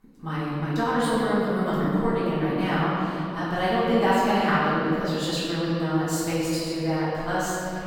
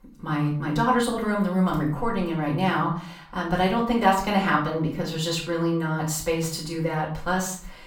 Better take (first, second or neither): second